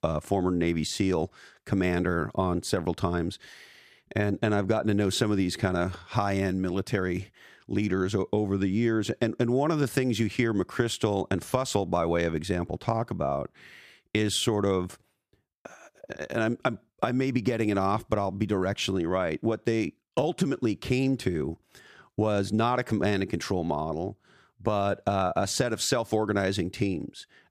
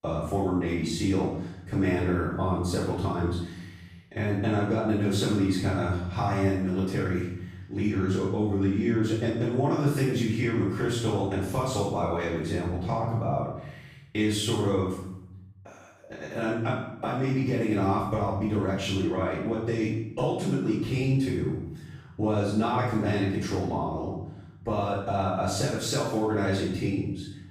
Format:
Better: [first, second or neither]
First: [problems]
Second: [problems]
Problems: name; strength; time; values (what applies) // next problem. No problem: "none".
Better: first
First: none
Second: off-mic speech; far // room echo; strong; dies away in 0.8 s